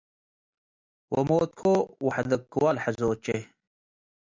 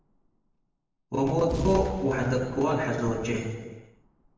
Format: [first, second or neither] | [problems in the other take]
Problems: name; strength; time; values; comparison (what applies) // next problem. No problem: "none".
first | background sound (Boom); 11 dB below the speech // room echo; dies away in 1.2 s